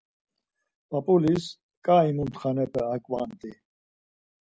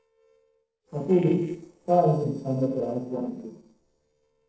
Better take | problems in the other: first | noise reduction (neural separator model SepFormer DNS4)

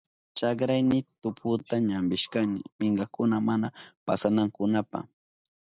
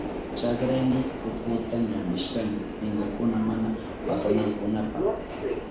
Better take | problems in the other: first | background sound (Subway, metro, underground); 4 dB below the speech // room echo; dies away in 0.6 s

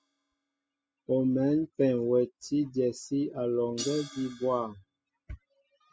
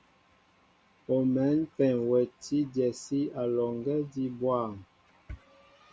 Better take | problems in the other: second | noise reduction (classical method spectral subtraction)

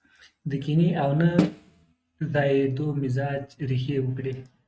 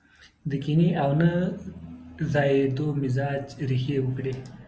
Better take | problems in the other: second | noise reduction (neural mask model RNNoise)

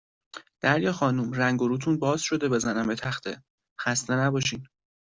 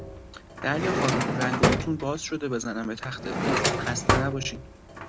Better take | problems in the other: first | background sound (Drawer open or close); 3 dB above the speech

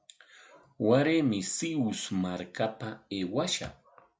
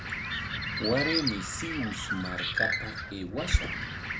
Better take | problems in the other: first | background sound (Bird); 3 dB above the speech

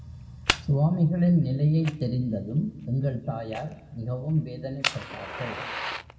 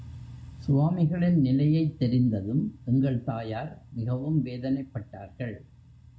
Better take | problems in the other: second | background sound (Fire); 10 dB below the speech // room echo; dies away in 1.5 s

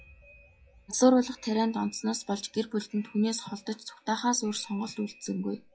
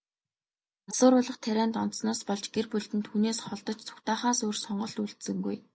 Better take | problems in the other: second | noise reduction (classical method log-MMSE)

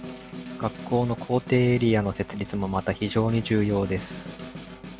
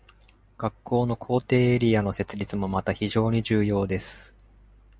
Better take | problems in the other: second | background sound (Snare drum); 14 dB below the speech

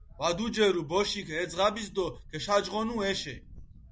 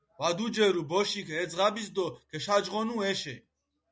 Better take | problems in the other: second | background sound (Wind); 19 dB below the speech

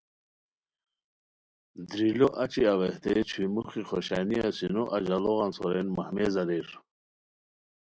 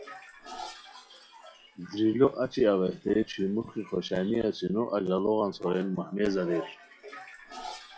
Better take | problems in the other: first | noise reduction (classical method log-MMSE)

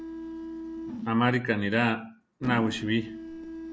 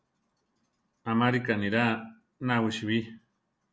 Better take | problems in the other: second | background sound (Mechanisms); 10 dB below the speech

